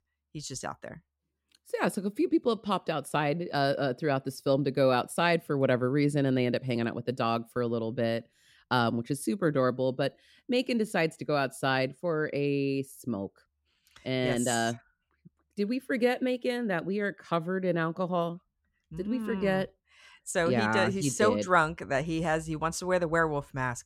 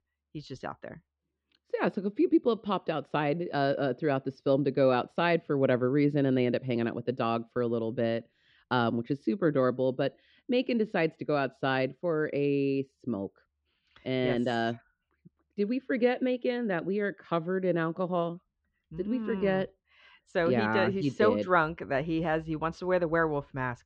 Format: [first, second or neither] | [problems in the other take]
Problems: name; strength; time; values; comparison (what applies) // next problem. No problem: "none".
first | muffled; slightly; fading above 4 kHz